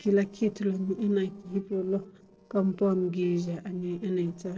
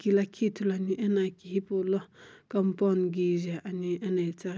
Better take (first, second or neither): second